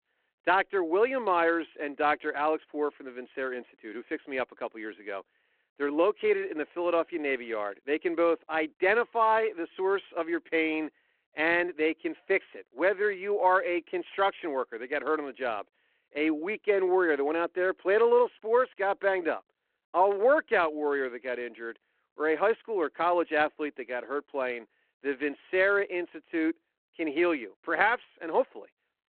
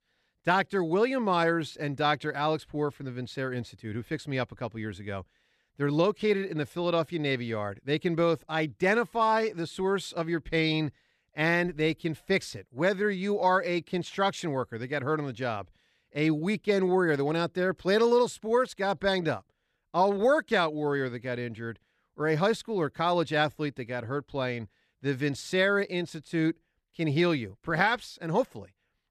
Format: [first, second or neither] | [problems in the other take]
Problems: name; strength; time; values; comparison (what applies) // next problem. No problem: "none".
second | phone-call audio; nothing above 4 kHz